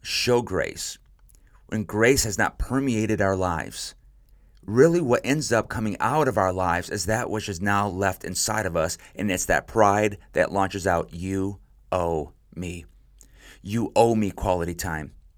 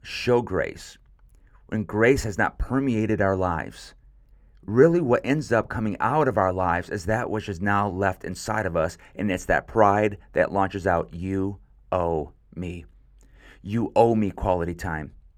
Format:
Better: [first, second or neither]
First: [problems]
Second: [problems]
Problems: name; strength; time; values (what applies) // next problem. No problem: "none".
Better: first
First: none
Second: muffled; slightly; fading above 3.5 kHz